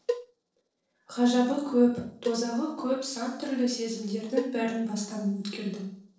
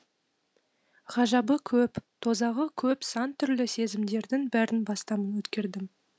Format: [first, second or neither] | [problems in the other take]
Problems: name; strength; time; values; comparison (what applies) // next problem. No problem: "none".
second | noise reduction (neural separator model SepFormer DNS4)